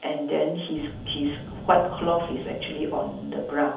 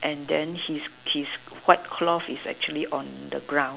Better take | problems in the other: second | background sound (Boom); 14 dB below the speech // room echo; dies away in 0.6 s

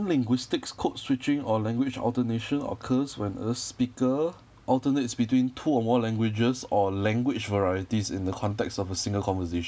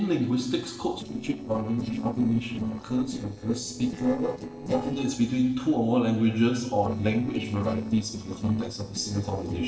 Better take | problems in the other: first | noise reduction (neural separator model SepFormer DNS4)

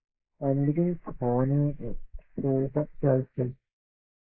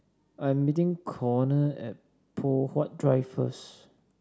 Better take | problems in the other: second | noise reduction (neural mask model Resemble Enhance denoiser)

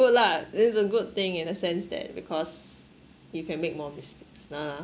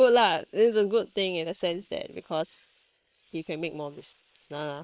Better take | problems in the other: first | noise reduction (neural separator model SepFormer WHAM!)

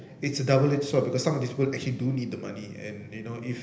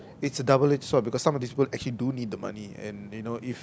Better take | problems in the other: second | room echo; dies away in 0.8 s

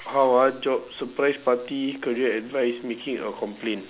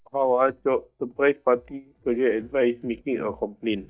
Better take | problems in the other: first | noise reduction (neural mask model DeepFilterNet 3)

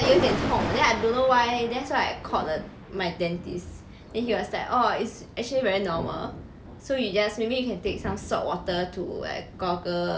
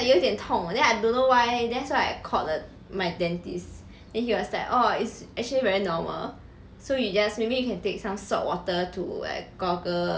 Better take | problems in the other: second | background sound (Thunder); 9 dB below the speech

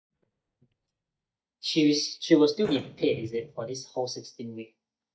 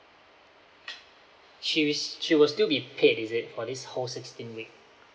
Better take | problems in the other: second | noise reduction (neural mask model DeepFilterNet 3)

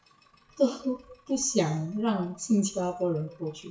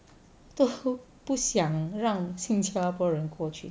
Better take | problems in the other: second | noise reduction (classical method WPE with log-MMSE)

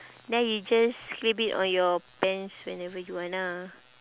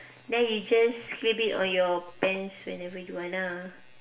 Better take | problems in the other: first | room echo; dies away in 0.6 s

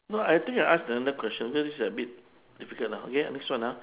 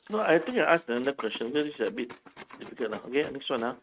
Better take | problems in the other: first | noise reduction (neural mask model RNNoise)

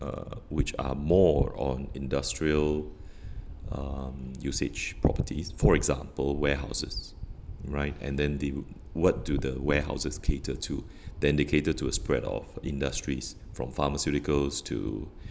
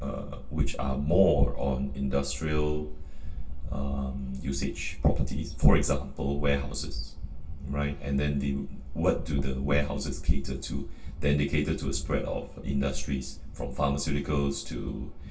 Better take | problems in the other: first | room echo; dies away in 0.2 s

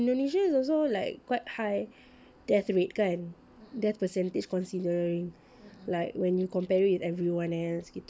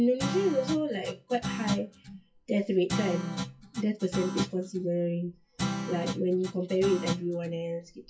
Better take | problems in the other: first | noise reduction (classical method WPE with log-MMSE)

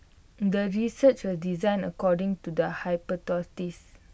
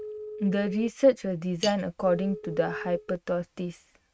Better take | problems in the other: first | noise reduction (neural mask model RNNoise)

